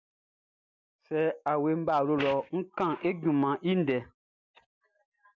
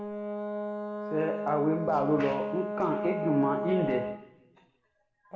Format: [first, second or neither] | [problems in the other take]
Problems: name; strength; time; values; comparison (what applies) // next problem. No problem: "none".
first | background sound (Brass instrument); 4 dB below the speech // room echo; dies away in 0.8 s